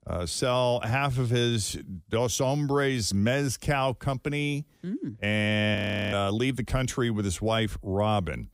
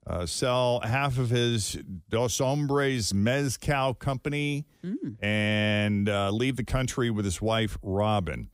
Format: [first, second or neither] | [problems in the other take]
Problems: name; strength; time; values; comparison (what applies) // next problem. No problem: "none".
second | audio freezing; at 6 s